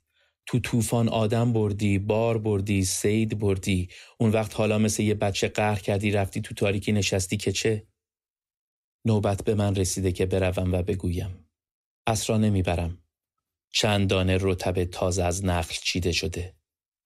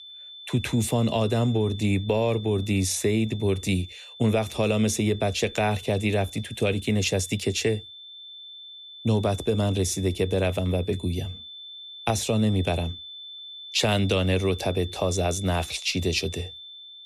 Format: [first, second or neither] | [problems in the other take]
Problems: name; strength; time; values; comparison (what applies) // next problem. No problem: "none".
first | high-pitched whine; noticeable; throughout; 3.5 kHz, 15 dB below the speech